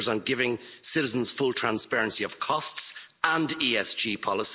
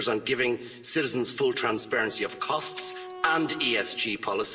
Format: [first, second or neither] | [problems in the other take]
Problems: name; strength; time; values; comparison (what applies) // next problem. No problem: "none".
first | background sound (Wind instrument, woodwind instrument); 17 dB below the speech // room echo; dies away in 2.2 s